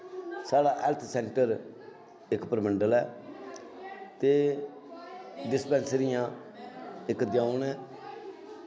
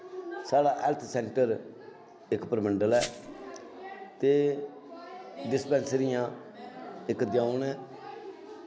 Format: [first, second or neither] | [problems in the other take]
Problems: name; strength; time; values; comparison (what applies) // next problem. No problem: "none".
first | background sound (Glass); 13 dB below the speech